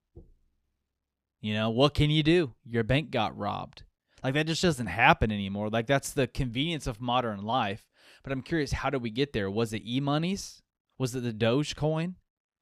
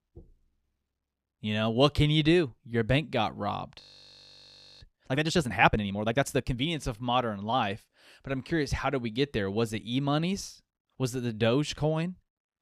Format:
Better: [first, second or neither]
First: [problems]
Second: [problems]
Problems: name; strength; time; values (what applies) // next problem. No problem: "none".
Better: first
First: none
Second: audio freezing; at 4 s for 1 s